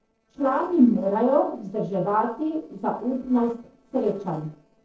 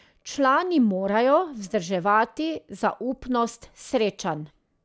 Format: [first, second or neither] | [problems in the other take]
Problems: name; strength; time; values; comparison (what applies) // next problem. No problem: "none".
second | noise reduction (neural separator model SepFormer DNS4)